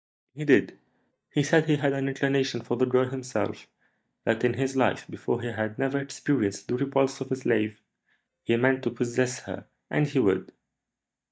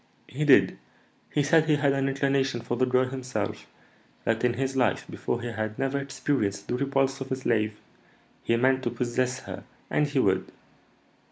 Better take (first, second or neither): second